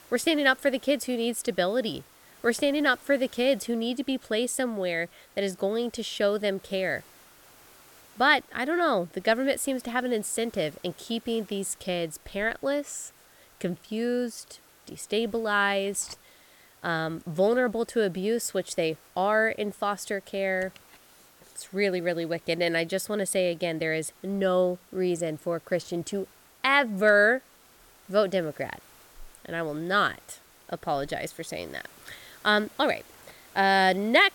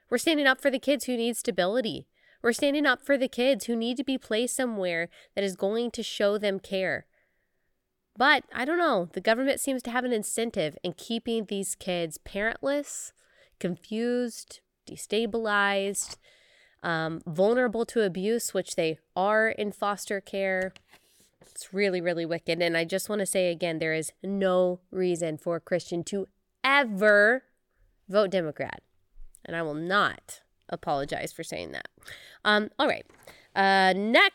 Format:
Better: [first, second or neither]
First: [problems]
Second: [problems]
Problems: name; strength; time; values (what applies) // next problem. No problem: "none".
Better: second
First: hiss; faint; throughout; 25 dB below the speech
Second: none